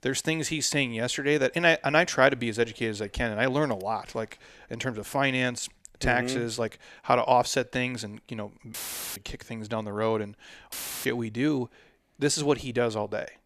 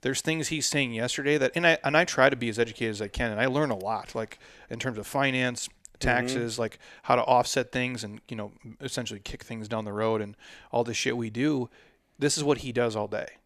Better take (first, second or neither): second